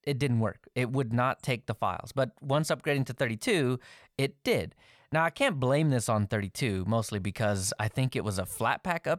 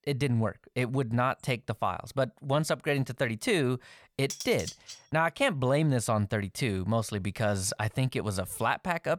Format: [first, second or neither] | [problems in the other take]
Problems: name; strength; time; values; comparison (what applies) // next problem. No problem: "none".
first | clattering dishes; noticeable; at 4.5 s; peak 8 dB below the speech